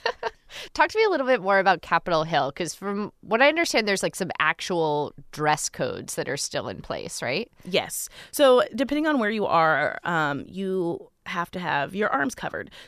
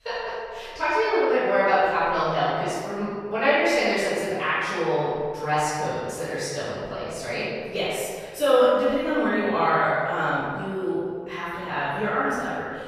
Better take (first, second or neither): first